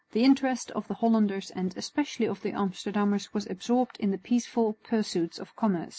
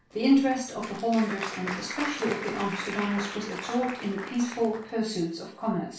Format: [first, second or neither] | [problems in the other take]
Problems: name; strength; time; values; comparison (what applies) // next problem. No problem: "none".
first | background sound (Applause); 10 dB below the speech // room echo; dies away in 0.4 s